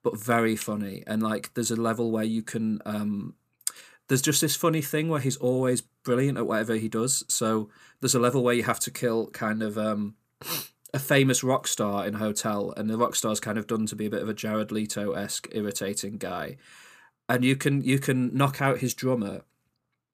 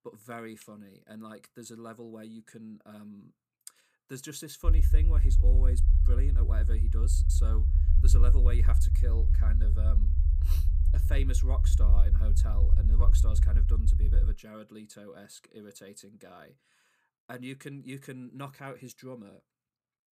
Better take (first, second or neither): first